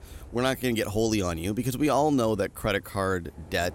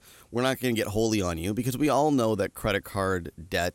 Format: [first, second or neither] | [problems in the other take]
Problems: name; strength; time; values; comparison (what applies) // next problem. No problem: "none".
second | train or aircraft noise; faint; throughout; 20 dB below the speech